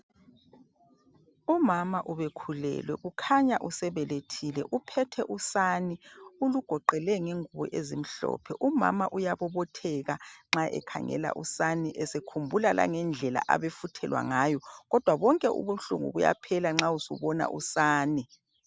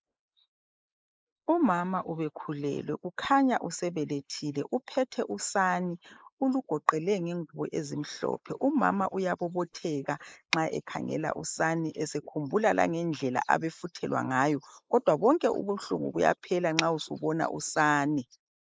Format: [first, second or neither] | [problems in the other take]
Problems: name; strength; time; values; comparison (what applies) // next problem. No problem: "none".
first | noise reduction (neural mask model Resemble Enhance denoiser)